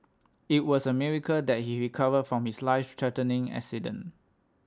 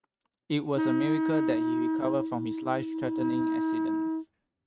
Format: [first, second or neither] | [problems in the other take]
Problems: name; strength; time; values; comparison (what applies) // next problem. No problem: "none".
first | noise reduction (neural mask model RNNoise)